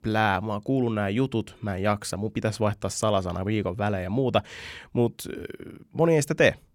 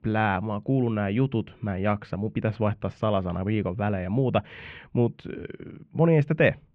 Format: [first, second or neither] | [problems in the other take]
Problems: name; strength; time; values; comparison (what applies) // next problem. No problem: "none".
first | muffled; very; fading above 3 kHz